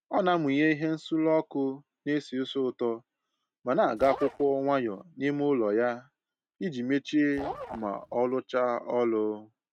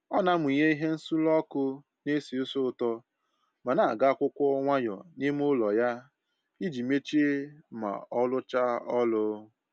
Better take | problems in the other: second | noise reduction (neural mask model RNNoise)

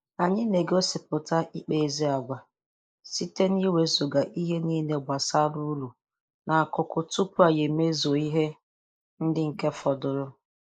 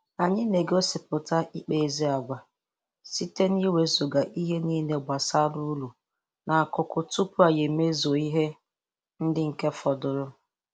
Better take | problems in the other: second | noise reduction (neural mask model Resemble Enhance denoiser)

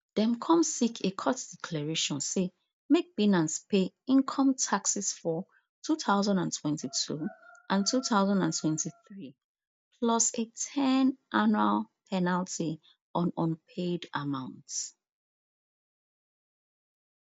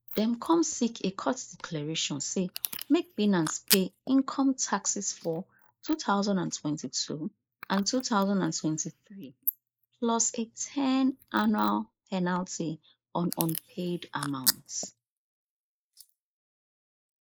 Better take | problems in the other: first | noise reduction (neural mask model Resemble Enhance denoiser)

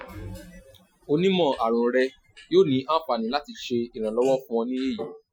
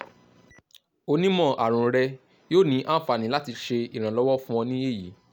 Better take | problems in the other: second | noise reduction (classical method Wiener filter)

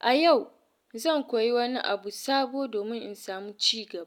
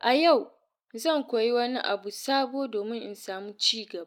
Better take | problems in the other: first | noise reduction (neural mask model Resemble Enhance denoiser)

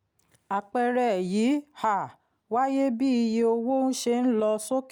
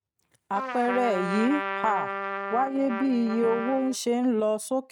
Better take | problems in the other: first | noise reduction (neural mask model RNNoise)

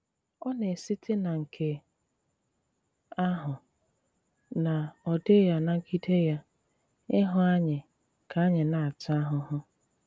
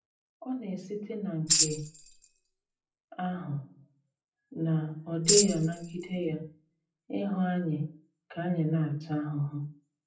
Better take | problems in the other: first | noise reduction (classical method WPE with log-MMSE)

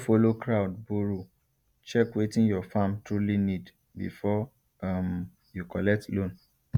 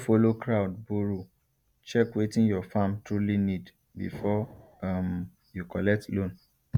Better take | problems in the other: first | background sound (Explosion); 19 dB below the speech

